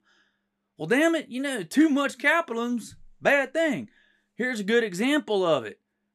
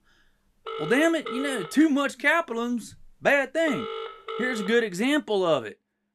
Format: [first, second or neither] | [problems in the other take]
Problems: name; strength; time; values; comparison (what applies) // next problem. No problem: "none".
first | phone ringing; noticeable; from 0.5 to 5 s; peak 9 dB below the speech